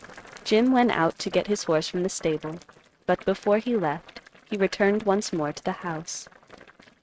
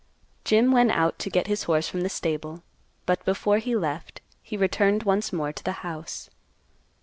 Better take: second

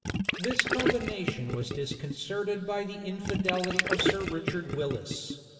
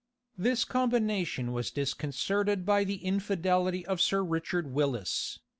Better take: second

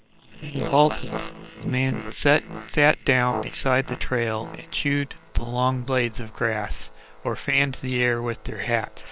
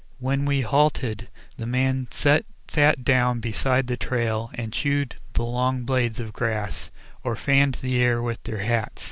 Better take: second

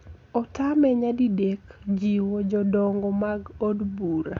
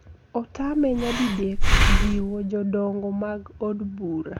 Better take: first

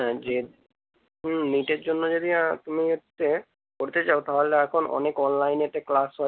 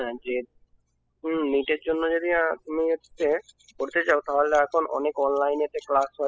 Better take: first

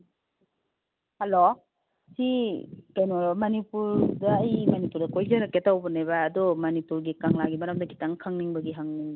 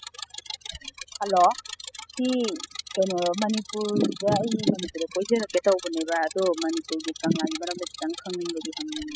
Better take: first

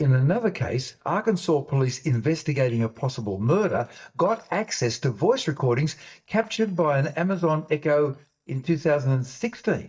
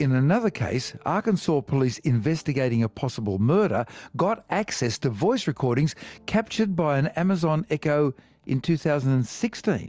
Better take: second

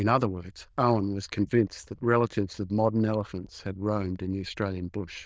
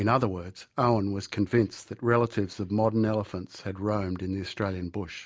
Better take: second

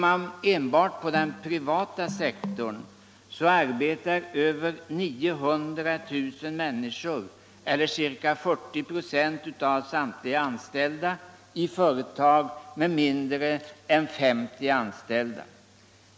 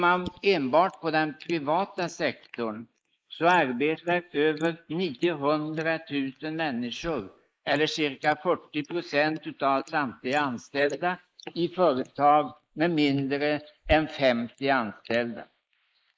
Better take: first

